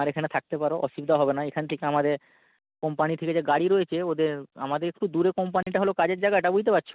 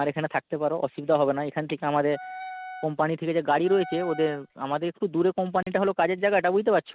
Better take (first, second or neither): first